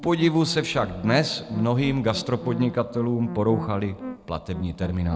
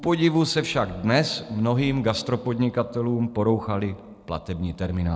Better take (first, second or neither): second